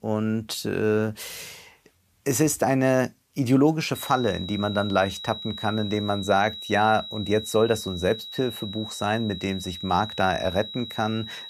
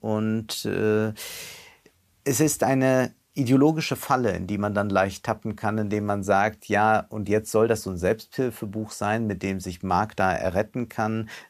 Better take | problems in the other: second | high-pitched whine; loud; from 4 s on; 4 kHz, 10 dB below the speech

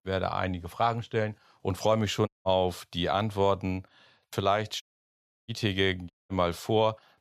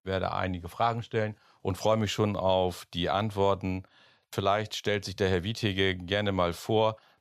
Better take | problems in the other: second | audio cutting out; at 2.5 s, at 5 s for 0.5 s and at 6 s

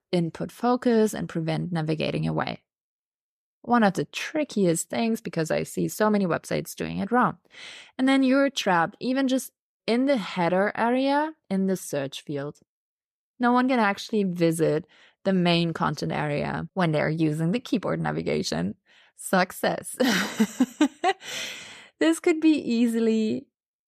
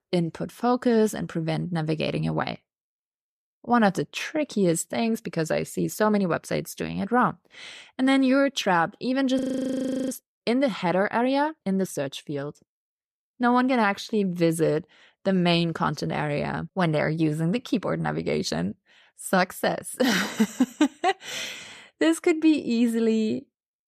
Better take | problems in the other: first | audio freezing; at 9.5 s for 0.5 s

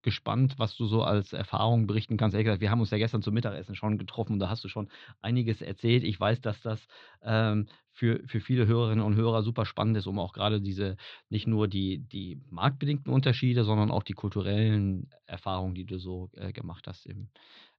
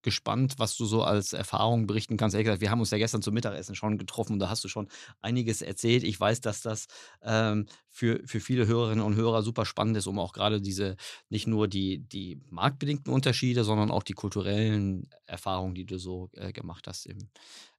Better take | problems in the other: second | muffled; slightly; fading above 4 kHz

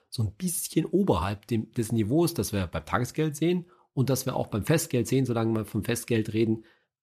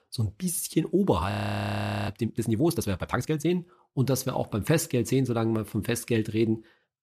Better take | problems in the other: first | audio freezing; at 1.5 s for 1 s

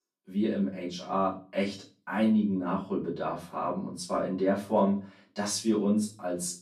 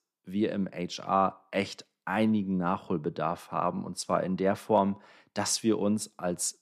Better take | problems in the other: second | off-mic speech; far // room echo; slight; dies away in 0.3 s

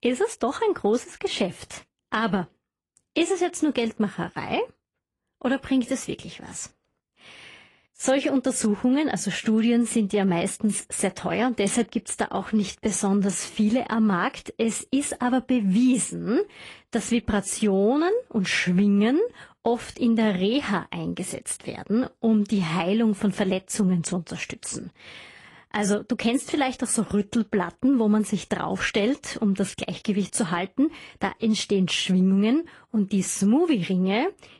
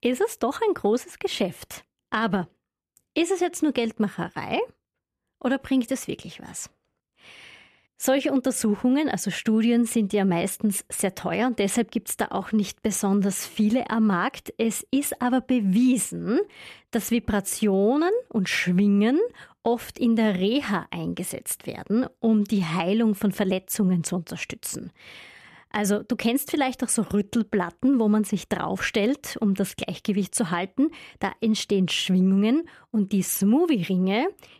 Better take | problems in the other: second | garbled, watery; slightly; nothing above 10.5 kHz

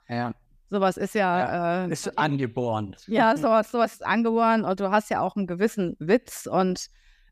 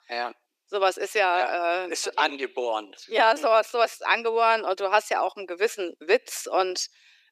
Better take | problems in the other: first | thin; very; fading below 350 Hz

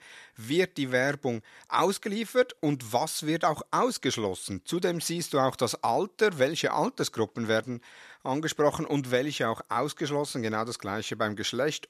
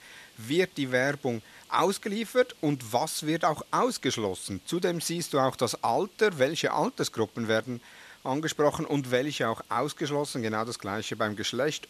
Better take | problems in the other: first | hiss; faint; throughout; 25 dB below the speech

